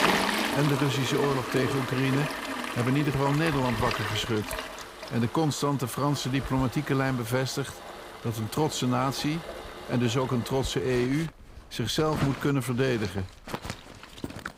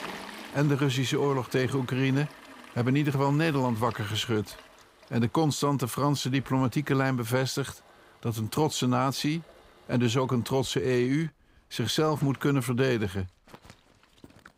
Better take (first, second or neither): second